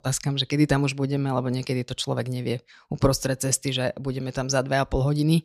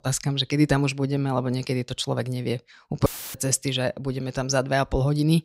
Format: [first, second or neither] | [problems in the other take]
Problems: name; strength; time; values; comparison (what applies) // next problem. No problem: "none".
first | audio cutting out; filled with static; at 3 s